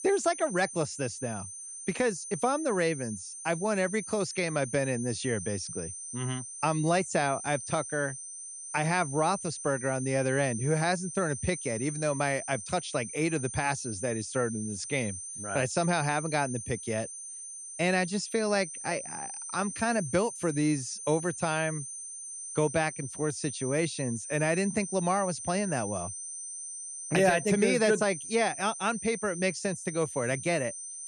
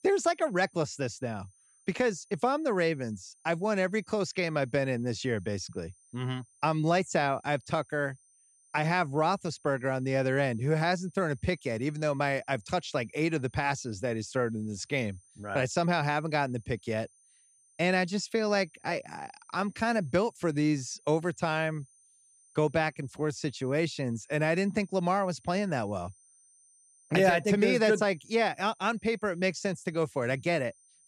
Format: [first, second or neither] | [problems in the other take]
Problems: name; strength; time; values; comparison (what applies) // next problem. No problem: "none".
second | high-pitched whine; loud; throughout; 9 kHz, 8 dB below the speech; faint in the second